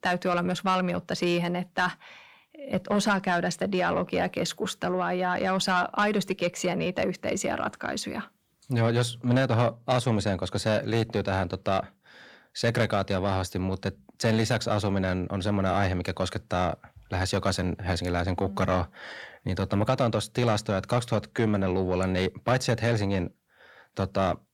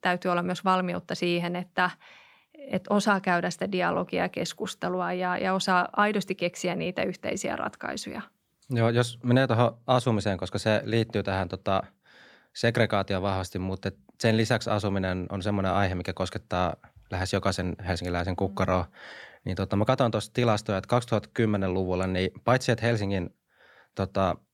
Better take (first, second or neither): second